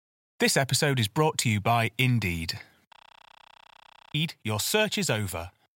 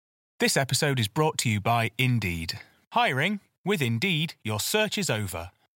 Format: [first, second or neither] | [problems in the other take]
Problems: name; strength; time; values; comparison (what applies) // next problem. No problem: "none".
second | audio freezing; at 3 s for 1 s